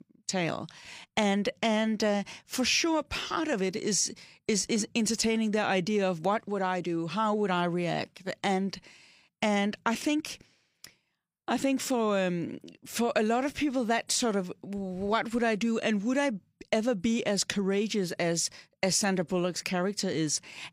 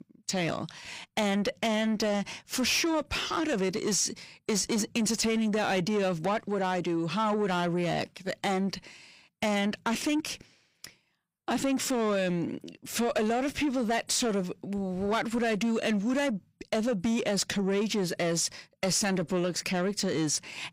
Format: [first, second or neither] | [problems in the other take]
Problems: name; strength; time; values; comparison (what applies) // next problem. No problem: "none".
first | distortion; slight; 10 dB below the speech